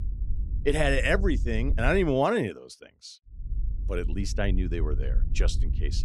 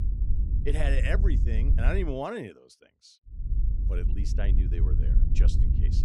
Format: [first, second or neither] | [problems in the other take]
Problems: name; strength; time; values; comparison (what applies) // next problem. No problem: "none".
first | low rumble; loud; until 2 s and from 3.5 s on; 9 dB below the speech; faint in the first